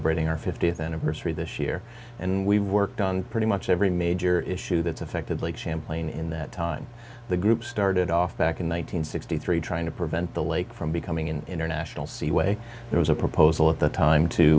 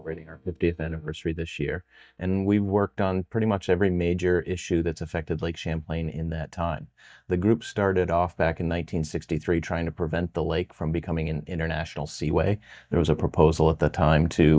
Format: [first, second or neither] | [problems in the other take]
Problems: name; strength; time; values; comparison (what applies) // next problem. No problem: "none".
first | noise reduction (neural mask model DeepFilterNet 3)